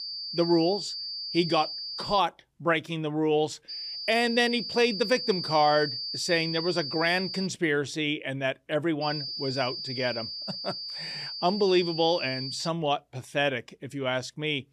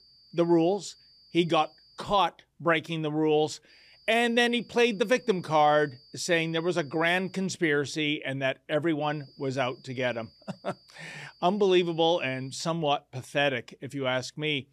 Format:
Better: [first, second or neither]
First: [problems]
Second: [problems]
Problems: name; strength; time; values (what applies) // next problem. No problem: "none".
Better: second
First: high-pitched whine; loud; until 2 s, from 3.5 to 7.5 s and from 9 to 13 s; 4.5 kHz, 6 dB below the speech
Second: high-pitched whine; faint; until 2 s, from 3.5 to 7.5 s and from 9 to 13 s; 4.5 kHz, 30 dB below the speech